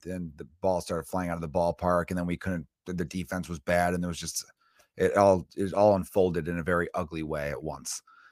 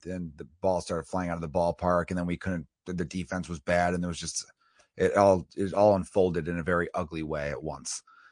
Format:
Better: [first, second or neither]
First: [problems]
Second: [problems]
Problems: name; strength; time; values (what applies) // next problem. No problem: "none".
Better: first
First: none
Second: garbled, watery; slightly; nothing above 10 kHz